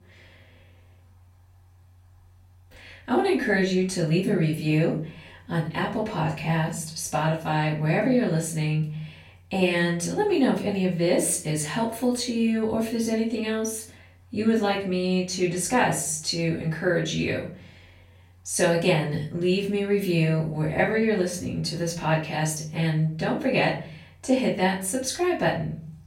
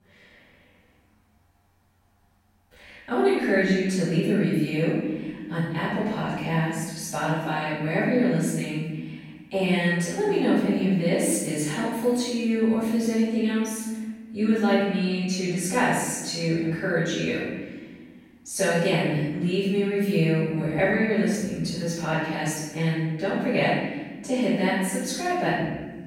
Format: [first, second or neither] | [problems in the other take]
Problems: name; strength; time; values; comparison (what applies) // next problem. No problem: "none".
first | room echo; strong; dies away in 1.2 s; slight in the first // off-mic speech; far; far in the first